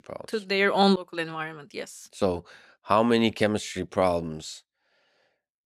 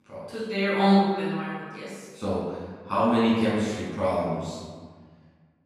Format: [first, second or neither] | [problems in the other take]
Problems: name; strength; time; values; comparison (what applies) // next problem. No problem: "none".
first | off-mic speech; far // room echo; strong; dies away in 1.5 s